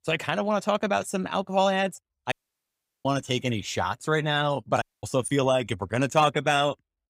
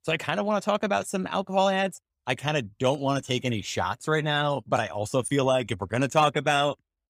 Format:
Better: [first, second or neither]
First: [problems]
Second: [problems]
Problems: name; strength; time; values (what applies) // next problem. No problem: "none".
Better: second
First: audio cutting out; at 2.5 s for 0.5 s and at 5 s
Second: none